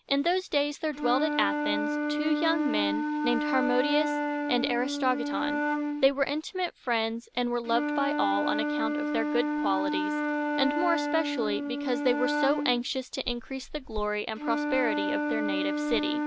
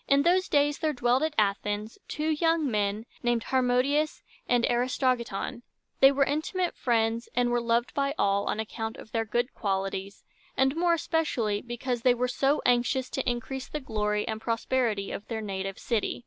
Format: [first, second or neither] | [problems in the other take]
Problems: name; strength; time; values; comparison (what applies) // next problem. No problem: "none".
second | background sound (Wind instrument, woodwind instrument); 1 dB below the speech